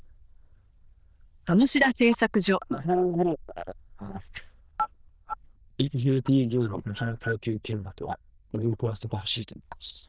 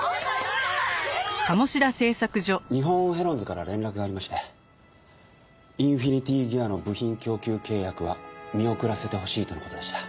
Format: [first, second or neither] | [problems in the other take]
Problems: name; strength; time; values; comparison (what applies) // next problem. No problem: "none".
second | noise reduction (neural diffusion model UNIVERSE++)